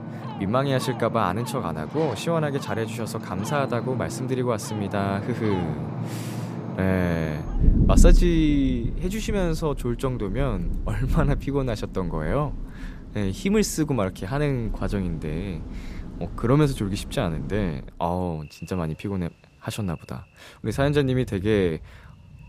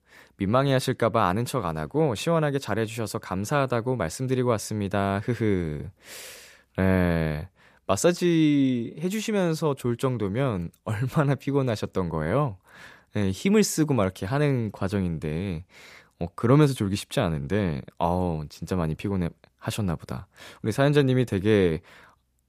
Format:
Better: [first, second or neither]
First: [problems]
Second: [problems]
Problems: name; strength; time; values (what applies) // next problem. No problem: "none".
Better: second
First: rain or running water; loud; throughout; 5 dB below the speech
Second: none